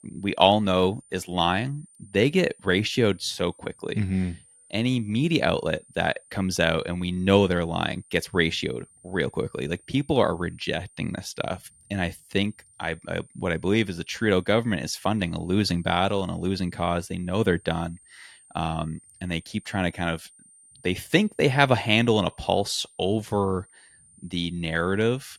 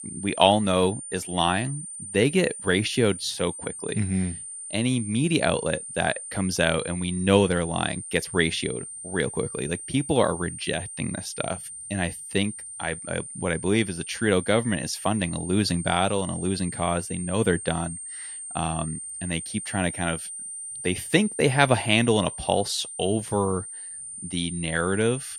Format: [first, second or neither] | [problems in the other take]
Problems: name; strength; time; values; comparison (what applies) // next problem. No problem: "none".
first | high-pitched whine; loud; throughout; 9 kHz, 9 dB below the speech; faint in the first